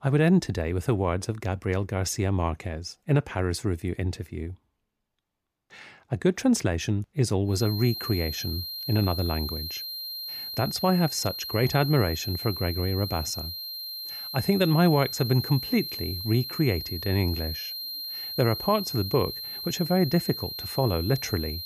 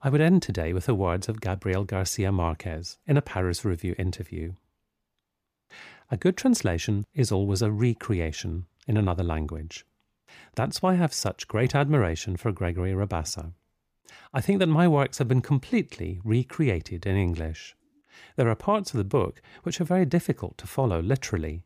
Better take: second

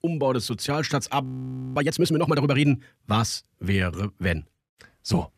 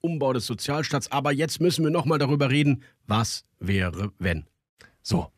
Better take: second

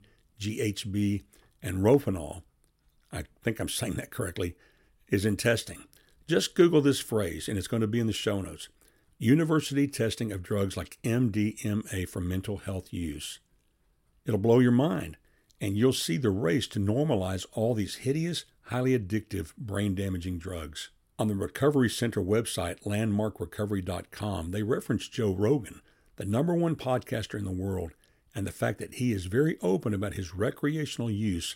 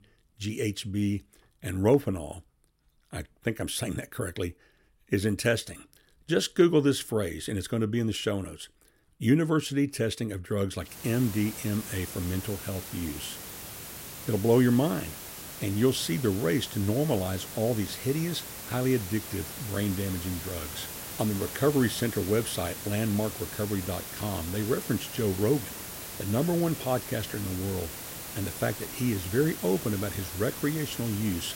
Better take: first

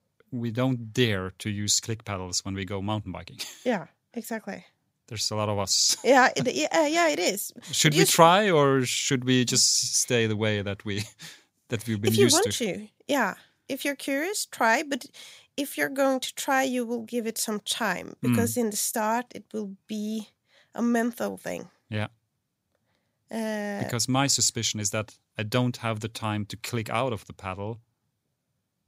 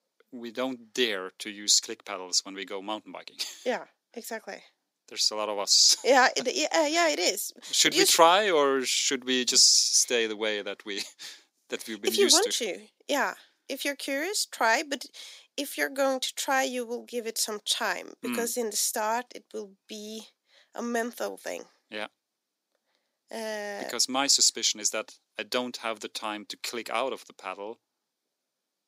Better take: first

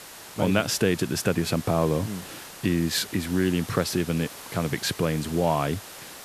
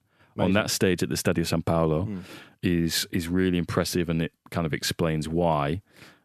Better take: second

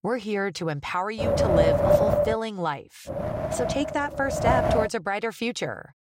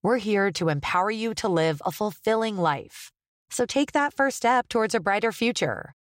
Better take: second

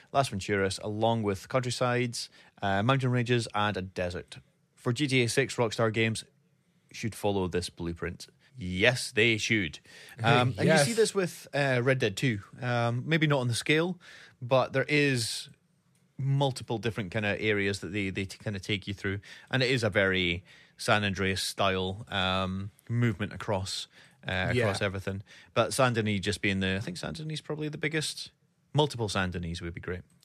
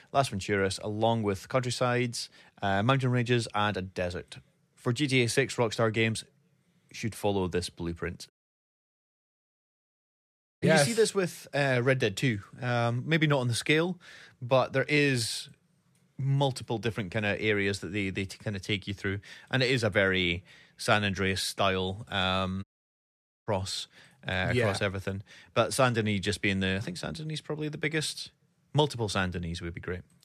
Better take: first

